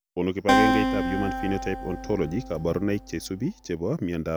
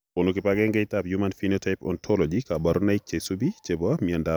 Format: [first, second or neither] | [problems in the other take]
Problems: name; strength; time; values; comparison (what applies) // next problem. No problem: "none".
second | background sound (Acoustic guitar); as loud as the speech